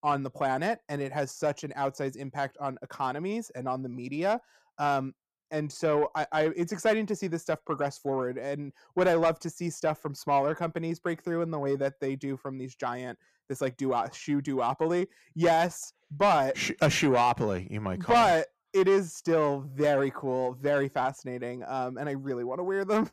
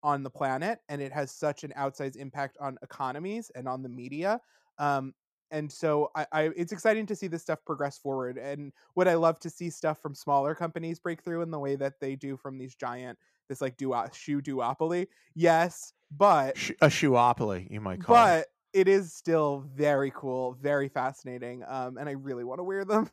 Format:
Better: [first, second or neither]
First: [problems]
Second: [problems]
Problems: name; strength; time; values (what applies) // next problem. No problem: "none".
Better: second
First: distortion; slight; 10 dB below the speech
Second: none